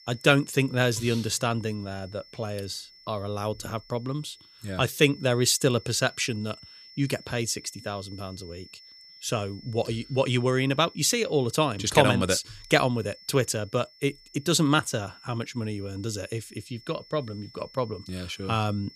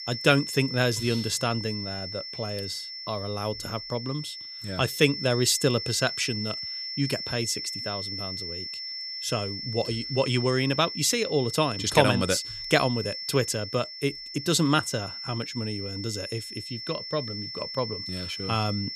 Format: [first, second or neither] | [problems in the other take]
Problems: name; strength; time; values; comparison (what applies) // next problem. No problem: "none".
first | high-pitched whine; loud; throughout; 5.5 kHz, 6 dB below the speech; faint in the first